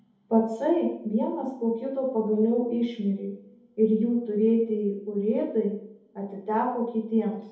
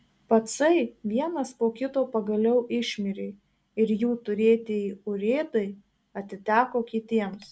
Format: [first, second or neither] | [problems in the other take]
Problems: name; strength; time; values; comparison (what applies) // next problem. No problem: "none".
second | room echo; dies away in 0.8 s